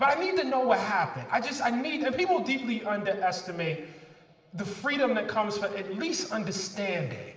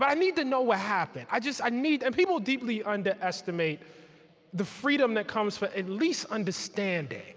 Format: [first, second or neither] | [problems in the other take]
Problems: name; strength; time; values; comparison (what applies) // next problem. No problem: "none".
second | room echo; dies away in 1 s